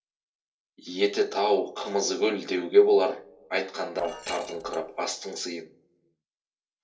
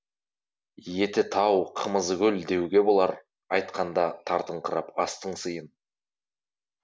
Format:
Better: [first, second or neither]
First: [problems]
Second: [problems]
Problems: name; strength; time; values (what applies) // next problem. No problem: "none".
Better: second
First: noise reduction (neural separator model SepFormer DNS4)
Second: none